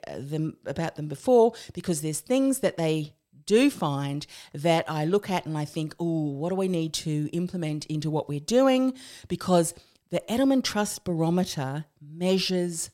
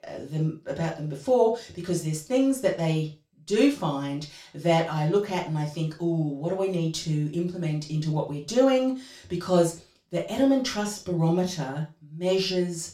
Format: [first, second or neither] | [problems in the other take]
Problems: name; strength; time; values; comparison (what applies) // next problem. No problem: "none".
first | room echo; slight; dies away in 0.3 s // off-mic speech; far